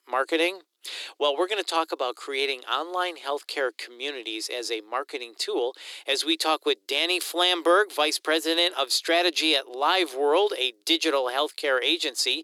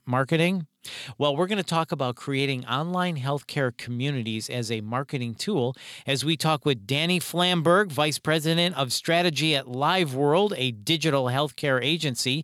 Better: second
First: thin; very; fading below 300 Hz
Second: none

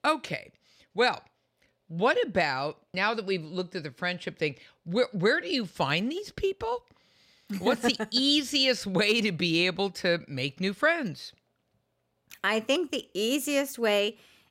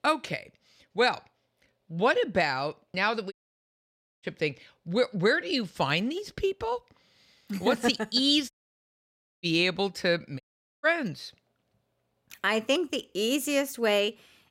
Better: first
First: none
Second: audio cutting out; at 3.5 s for 1 s, at 8.5 s for 1 s and at 10 s

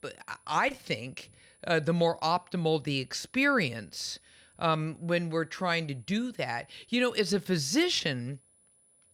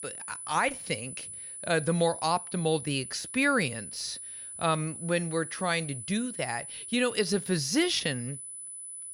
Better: first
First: high-pitched whine; faint; throughout; 10 kHz, 30 dB below the speech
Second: high-pitched whine; loud; throughout; 10 kHz, 9 dB below the speech

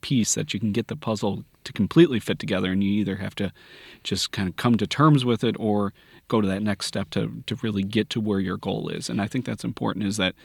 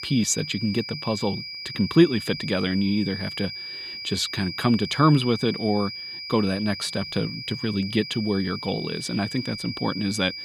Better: first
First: none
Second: high-pitched whine; loud; throughout; 5 kHz, 8 dB below the speech

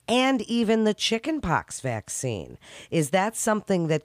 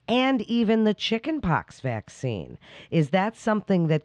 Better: first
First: none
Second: muffled; slightly; fading above 4 kHz

